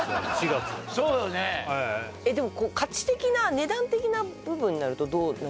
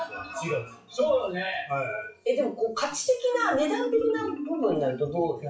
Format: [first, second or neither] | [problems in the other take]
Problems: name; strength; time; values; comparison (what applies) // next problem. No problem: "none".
first | noise reduction (classical method WPE with log-MMSE)